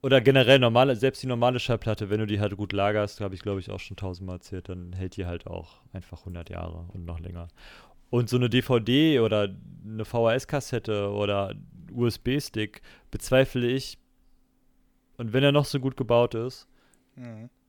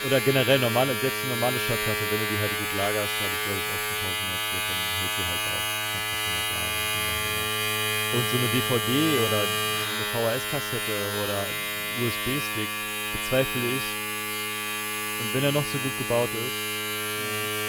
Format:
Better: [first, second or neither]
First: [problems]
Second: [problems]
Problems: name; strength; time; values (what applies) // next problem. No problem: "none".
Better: first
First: none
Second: household noises; very loud; throughout; 2 dB above the speech